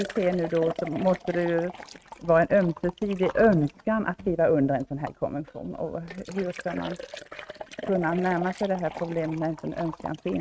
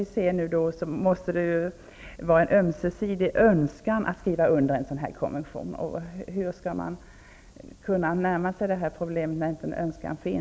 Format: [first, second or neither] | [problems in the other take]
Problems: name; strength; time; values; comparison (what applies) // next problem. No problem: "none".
second | noise reduction (neural mask model RNNoise)